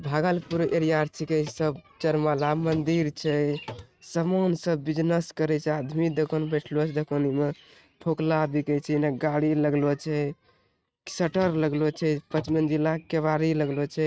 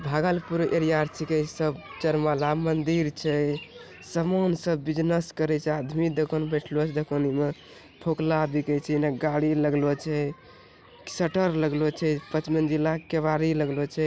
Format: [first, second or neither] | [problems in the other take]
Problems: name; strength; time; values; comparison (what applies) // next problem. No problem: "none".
second | noise reduction (neural mask model RNNoise)